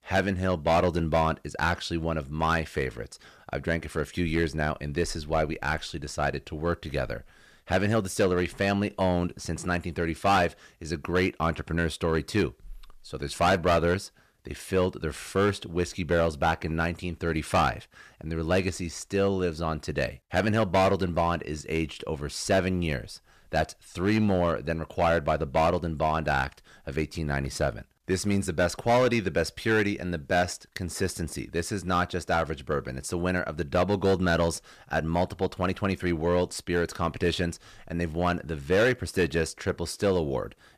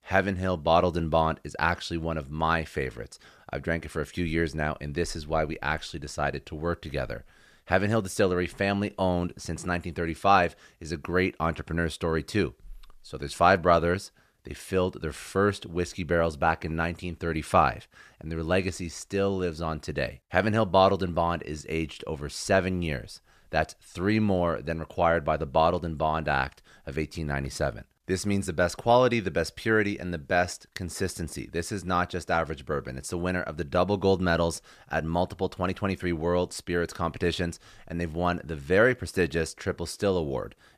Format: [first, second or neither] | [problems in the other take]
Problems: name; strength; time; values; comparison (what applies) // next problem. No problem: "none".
second | distortion; slight; 3% of the sound clipped